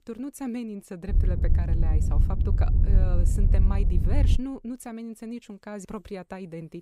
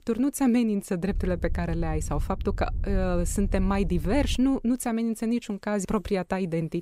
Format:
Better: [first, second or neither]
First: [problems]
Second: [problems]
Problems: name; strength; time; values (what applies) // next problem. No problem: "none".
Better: second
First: low rumble; loud; from 1 to 4.5 s; 3 dB below the speech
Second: low rumble; faint; from 1 to 4.5 s; 20 dB below the speech